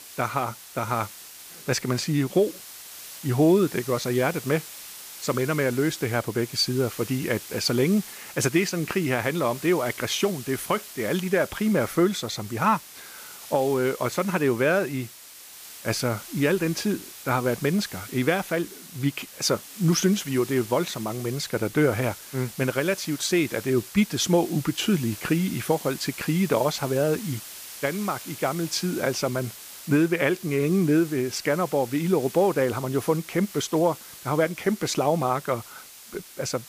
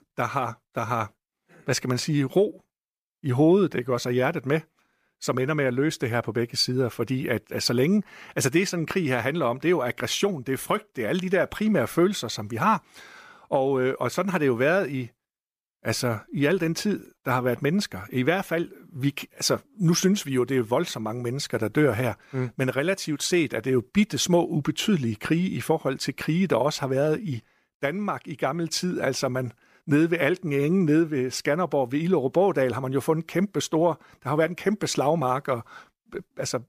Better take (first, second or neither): second